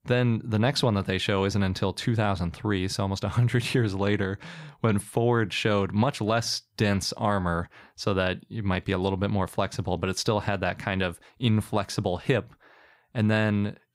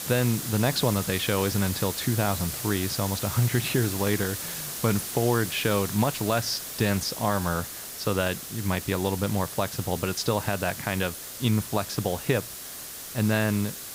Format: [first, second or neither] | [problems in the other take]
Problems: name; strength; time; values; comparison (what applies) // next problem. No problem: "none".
first | hiss; loud; throughout; 6 dB below the speech